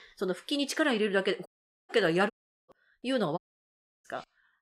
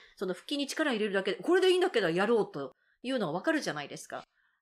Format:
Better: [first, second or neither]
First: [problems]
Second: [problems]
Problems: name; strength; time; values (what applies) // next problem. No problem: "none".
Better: second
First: audio cutting out; at 1.5 s, at 2.5 s and at 3.5 s for 0.5 s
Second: none